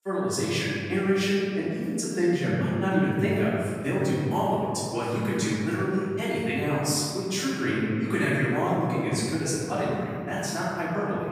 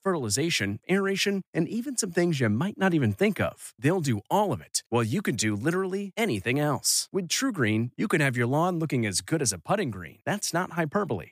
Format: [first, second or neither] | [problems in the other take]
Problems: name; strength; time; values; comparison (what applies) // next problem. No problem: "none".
second | off-mic speech; far // room echo; strong; dies away in 2.1 s